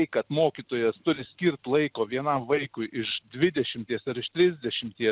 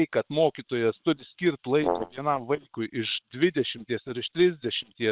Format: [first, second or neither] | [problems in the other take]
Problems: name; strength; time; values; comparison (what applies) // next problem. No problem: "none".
first | noise reduction (neural separator model SepFormer WHAM!)